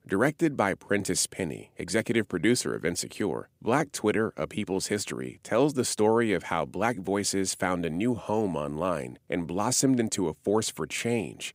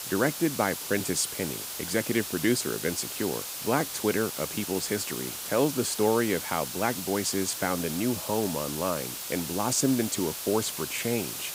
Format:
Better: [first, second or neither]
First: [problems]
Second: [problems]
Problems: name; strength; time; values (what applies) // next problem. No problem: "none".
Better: first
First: none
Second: hiss; loud; throughout; 5 dB below the speech